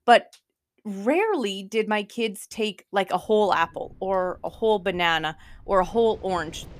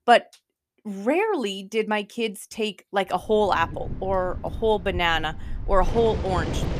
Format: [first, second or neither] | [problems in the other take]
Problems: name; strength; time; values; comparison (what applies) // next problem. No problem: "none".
first | rain or running water; loud; from 3.5 s on; 9 dB below the speech; faint in the first